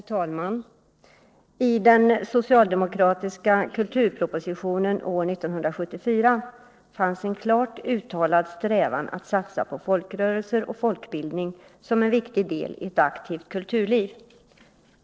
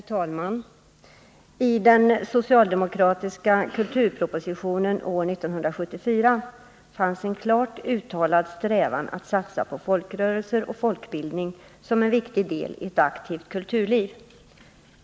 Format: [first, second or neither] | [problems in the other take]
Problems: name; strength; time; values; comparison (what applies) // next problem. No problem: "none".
second | noise reduction (neural separator model SepFormer DNS4)